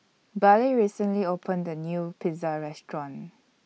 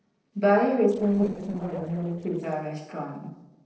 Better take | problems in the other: first | noise reduction (neural separator model SepFormer DNS4)

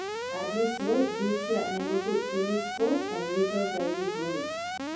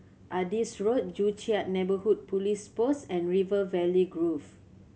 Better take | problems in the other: second | background sound (Alarm); 3 dB below the speech // room echo; dies away in 0.6 s

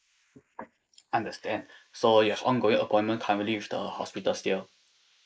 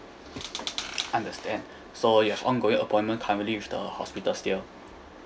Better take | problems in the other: second | noise reduction (neural mask model Resemble Enhance denoiser)

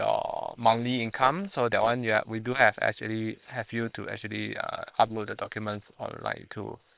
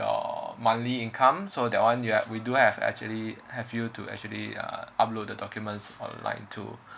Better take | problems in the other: second | noise reduction (neural separator model SepFormer WHAM!)

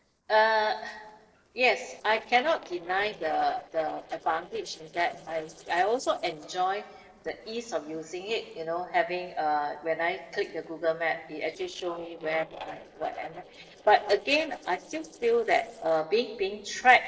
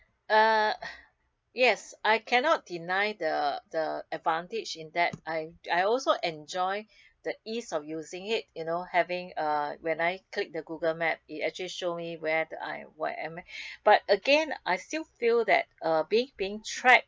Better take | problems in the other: second | noise reduction (neural separator model SepFormer DNS4)

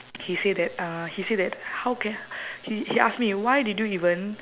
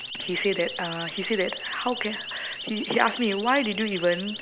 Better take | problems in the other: first | background sound (Siren); 9 dB below the speech

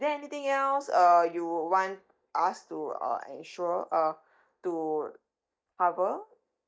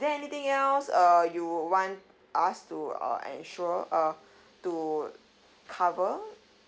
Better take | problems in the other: second | noise reduction (neural mask model DeepFilterNet 3)

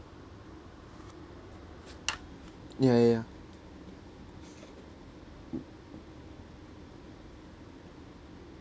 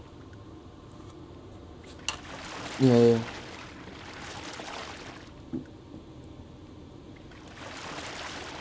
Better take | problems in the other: first | background sound (Water / Splash, splatter); 12 dB below the speech // room echo; dies away in 0.9 s

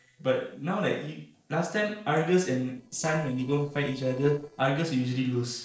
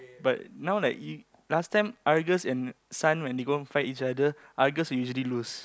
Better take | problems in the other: second | noise reduction (neural separator model SepFormer DNS4)

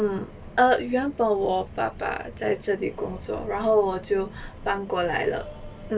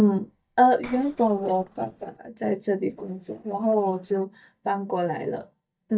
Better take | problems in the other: first | noise reduction (neural mask model DeepFilterNet 3)

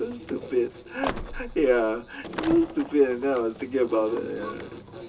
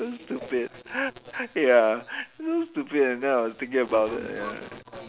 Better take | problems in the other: second | background sound (Slam); 12 dB below the speech // room echo; dies away in 0.2 s

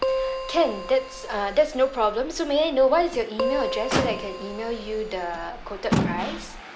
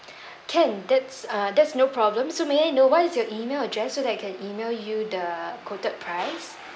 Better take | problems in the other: second | background sound (Keyboard (musical) + Motor vehicle (road)); 5 dB below the speech

